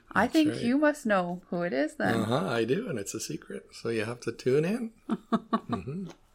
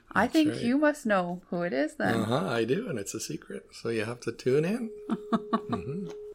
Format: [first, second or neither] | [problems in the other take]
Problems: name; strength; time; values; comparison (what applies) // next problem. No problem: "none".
first | phone ringing; faint; from 5 s on; peak 15 dB below the speech